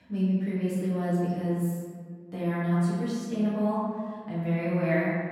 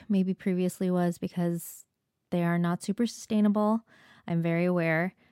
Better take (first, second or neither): second